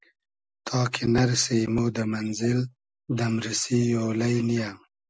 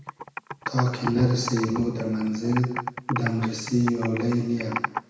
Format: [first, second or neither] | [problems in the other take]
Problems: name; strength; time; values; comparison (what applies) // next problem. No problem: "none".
first | background sound (Computer keyboard); 9 dB below the speech // room echo; dies away in 1 s